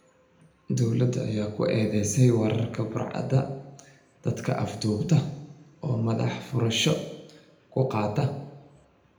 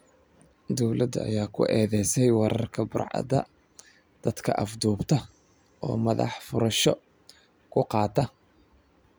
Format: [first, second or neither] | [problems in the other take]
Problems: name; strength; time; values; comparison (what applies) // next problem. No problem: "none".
second | room echo; dies away in 0.8 s